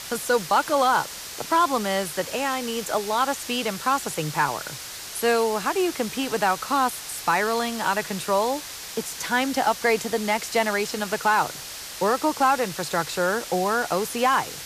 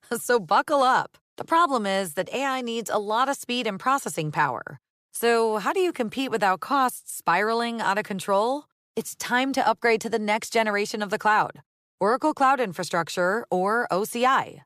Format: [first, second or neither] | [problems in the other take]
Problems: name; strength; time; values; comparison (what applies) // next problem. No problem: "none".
second | hiss; loud; throughout; 10 dB below the speech